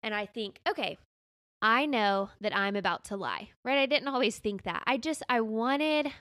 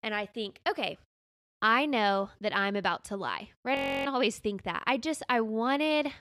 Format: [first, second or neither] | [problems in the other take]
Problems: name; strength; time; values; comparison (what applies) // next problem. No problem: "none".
first | audio freezing; at 4 s